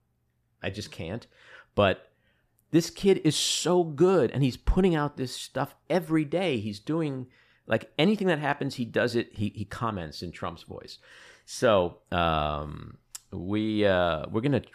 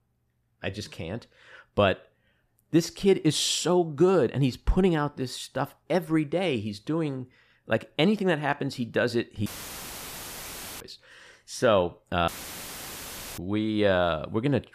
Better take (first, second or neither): first